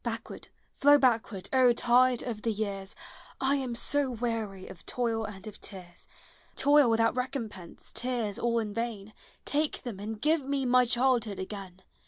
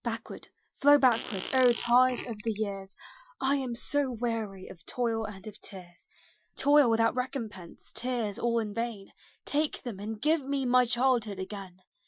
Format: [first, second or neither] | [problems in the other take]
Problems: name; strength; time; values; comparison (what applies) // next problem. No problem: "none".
first | noise reduction (classical method Wiener filter)